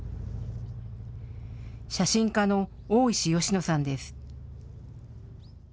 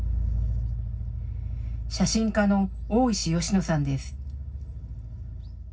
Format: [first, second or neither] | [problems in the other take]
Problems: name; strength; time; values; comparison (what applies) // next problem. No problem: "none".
first | room echo; dies away in 0.4 s